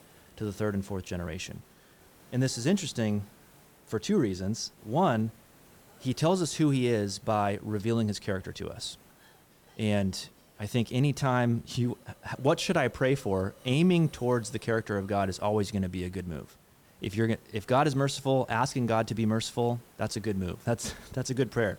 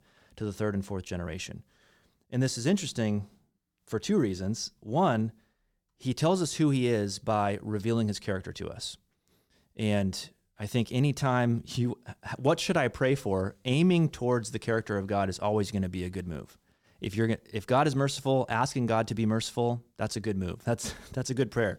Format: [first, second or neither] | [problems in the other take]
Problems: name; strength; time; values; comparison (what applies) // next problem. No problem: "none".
second | hiss; faint; throughout; 25 dB below the speech